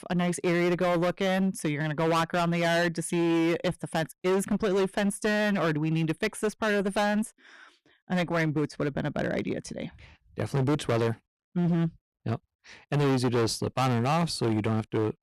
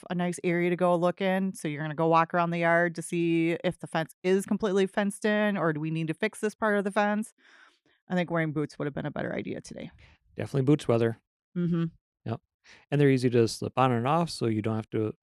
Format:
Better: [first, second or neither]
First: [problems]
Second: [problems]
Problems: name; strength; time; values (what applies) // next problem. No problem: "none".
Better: second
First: distortion; heavy; 17% of the sound clipped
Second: none